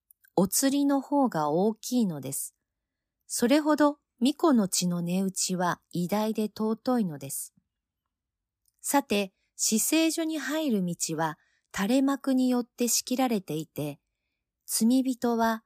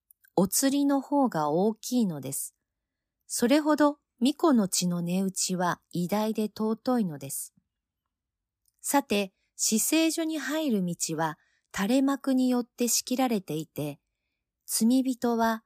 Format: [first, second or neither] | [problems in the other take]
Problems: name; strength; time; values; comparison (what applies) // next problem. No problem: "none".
neither | none